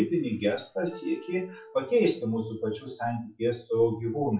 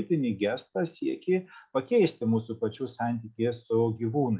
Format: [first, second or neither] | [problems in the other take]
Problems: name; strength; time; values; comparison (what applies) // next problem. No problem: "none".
second | noise reduction (classical method WPE with log-MMSE)